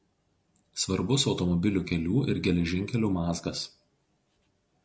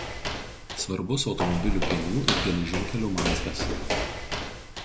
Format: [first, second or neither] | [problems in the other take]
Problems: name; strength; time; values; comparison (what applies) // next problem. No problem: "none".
first | background sound (Walk, footsteps); 1 dB above the speech